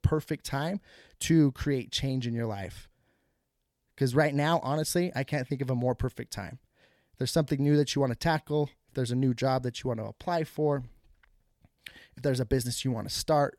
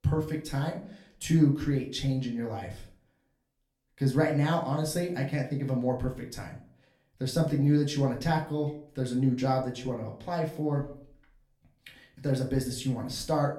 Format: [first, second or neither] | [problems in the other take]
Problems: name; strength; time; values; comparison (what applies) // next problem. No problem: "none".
first | room echo; slight; dies away in 0.4 s // off-mic speech; far